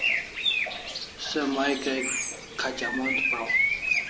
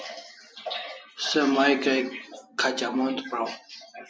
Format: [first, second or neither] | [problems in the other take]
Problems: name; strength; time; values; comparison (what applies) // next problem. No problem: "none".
second | background sound (Bird); 3 dB above the speech